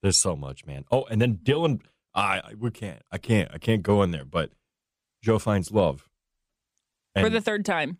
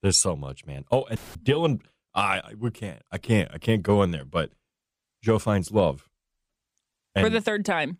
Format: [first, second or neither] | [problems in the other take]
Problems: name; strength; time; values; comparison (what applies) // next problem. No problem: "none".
first | audio cutting out; filled with static; at 1 s